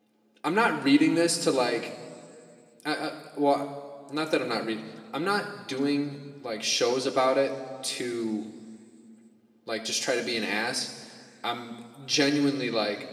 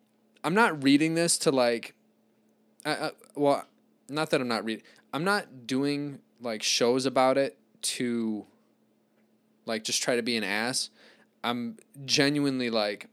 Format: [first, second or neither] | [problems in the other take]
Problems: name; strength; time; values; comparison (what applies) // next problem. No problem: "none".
second | room echo; slight; dies away in 2 s // off-mic speech; somewhat distant